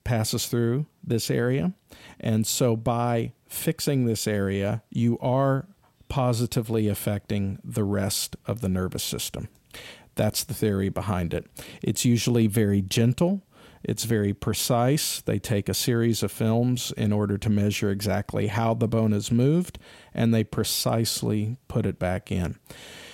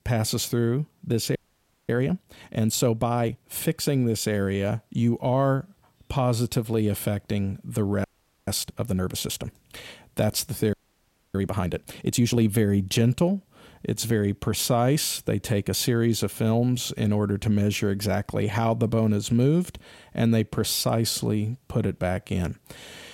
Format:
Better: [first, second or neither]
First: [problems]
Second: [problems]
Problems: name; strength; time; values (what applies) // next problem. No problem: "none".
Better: first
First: none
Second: audio freezing; at 1.5 s for 0.5 s, at 8 s and at 11 s for 0.5 s